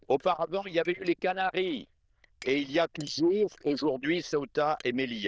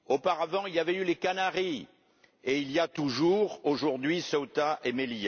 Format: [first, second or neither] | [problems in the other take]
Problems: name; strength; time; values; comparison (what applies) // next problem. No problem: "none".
second | noise reduction (neural diffusion model UNIVERSE++)